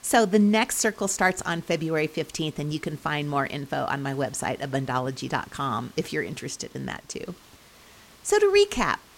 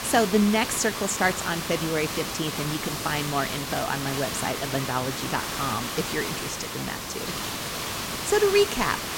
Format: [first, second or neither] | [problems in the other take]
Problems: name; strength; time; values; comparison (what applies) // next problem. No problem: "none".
first | hiss; loud; throughout; 3 dB below the speech; faint in the first